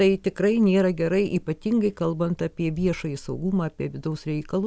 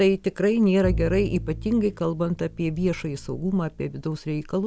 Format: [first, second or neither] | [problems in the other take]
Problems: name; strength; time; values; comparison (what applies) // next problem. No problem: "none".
first | background sound (Bowed string instrument); 10 dB below the speech